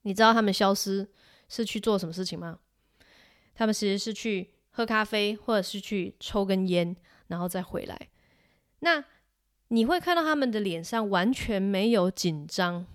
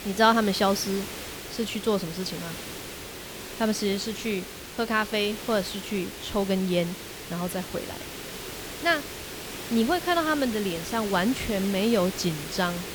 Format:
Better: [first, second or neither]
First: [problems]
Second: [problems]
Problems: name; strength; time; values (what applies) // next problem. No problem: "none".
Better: first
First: none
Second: hiss; loud; throughout; 9 dB below the speech